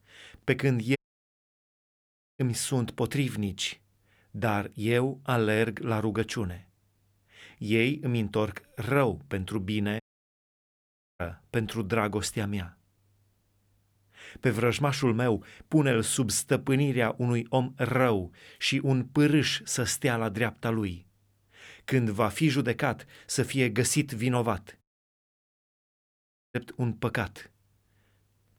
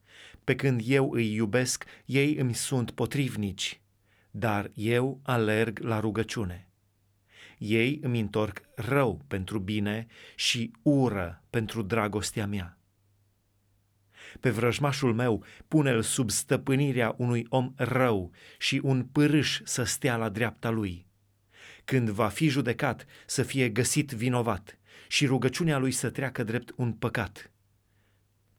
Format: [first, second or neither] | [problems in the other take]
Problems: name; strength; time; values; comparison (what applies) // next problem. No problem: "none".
second | audio cutting out; at 1 s for 1.5 s, at 10 s for 1 s and at 25 s for 1.5 s